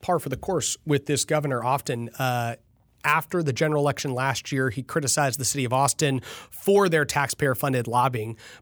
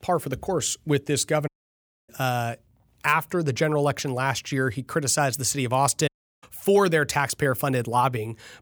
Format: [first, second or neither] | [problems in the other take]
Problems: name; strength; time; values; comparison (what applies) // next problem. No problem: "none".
first | audio cutting out; at 1.5 s for 0.5 s and at 6 s